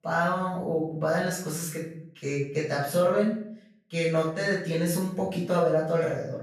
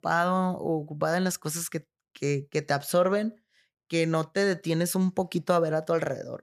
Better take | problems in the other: second | off-mic speech; far // room echo; noticeable; dies away in 0.6 s

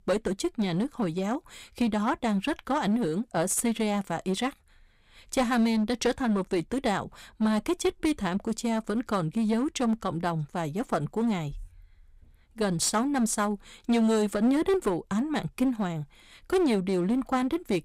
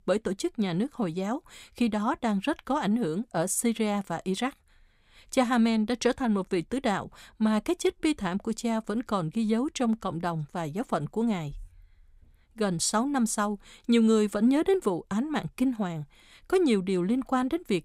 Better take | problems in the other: second | distortion; slight; 9% of the sound clipped

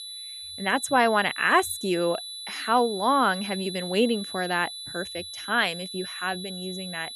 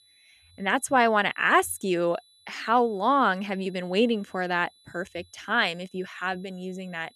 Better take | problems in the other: second | high-pitched whine; loud; throughout; 4 kHz, 10 dB below the speech; faint in the second

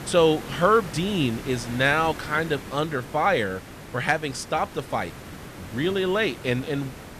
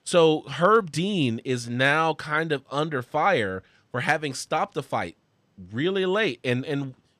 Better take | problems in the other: second | hiss; noticeable; throughout; 15 dB below the speech

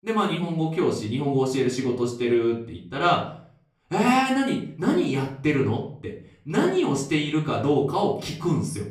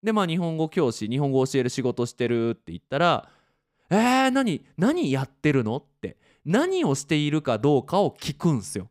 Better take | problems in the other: second | off-mic speech; far // room echo; slight; dies away in 0.4 s

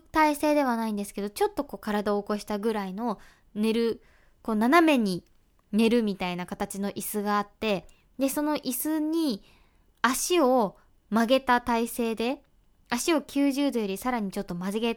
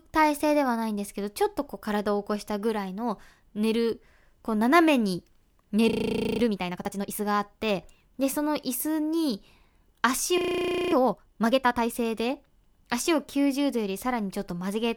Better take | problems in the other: first | audio freezing; at 6 s and at 10 s for 0.5 s

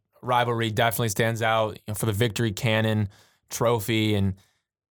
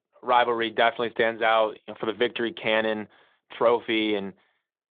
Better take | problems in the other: first | phone-call audio; nothing above 3.5 kHz

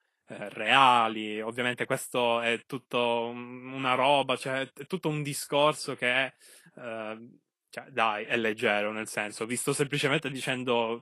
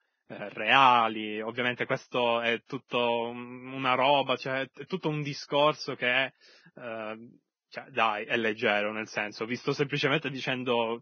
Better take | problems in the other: first | garbled, watery; badly; nothing above 6 kHz; slightly in the first

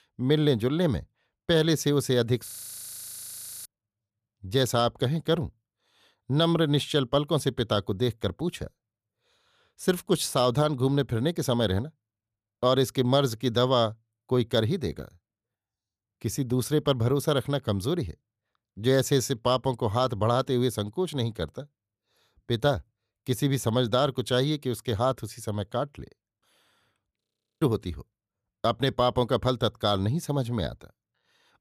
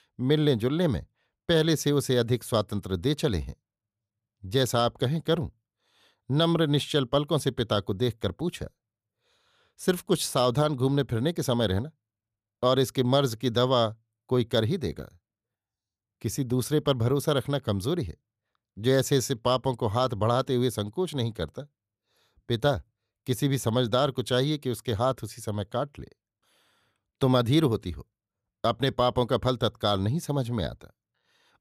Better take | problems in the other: second | audio freezing; at 2.5 s for 1 s and at 27 s

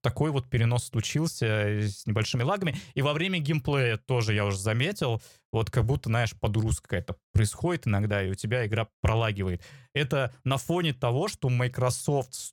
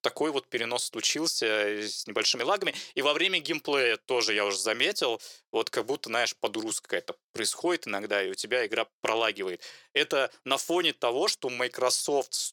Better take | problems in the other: first | thin; very; fading below 350 Hz

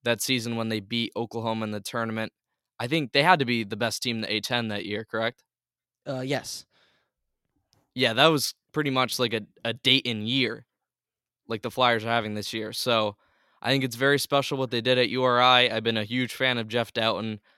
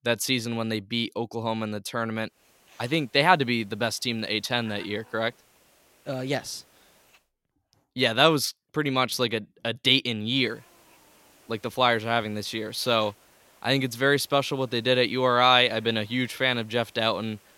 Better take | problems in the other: first | hiss; faint; from 2.5 to 7 s and from 10 s on; 30 dB below the speech

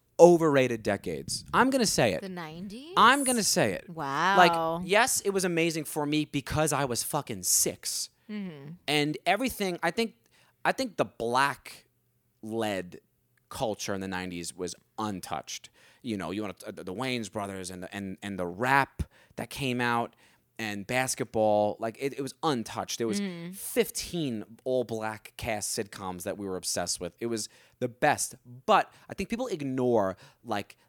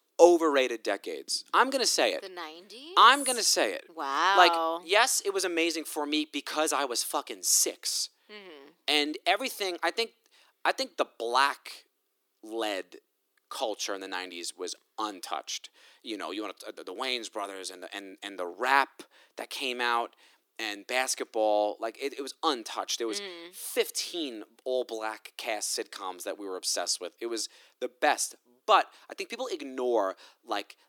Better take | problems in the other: first | thin; somewhat; fading below 300 Hz

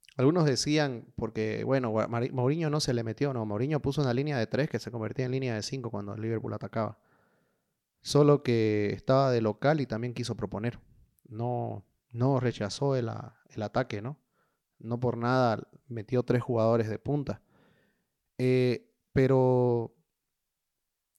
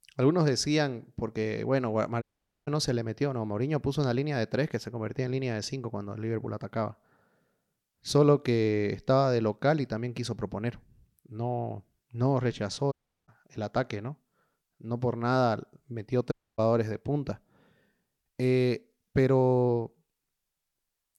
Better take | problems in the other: first | audio cutting out; at 2 s, at 13 s and at 16 s

